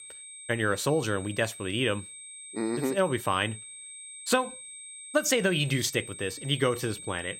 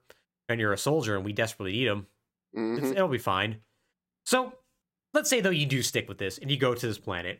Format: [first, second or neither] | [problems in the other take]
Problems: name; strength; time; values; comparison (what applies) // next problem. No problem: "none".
second | high-pitched whine; noticeable; throughout; 8.5 kHz, 15 dB below the speech